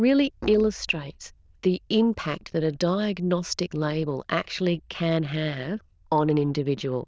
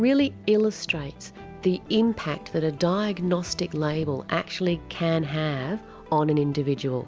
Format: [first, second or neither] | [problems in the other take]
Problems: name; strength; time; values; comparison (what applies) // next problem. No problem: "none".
second | noise reduction (neural diffusion model UNIVERSE++)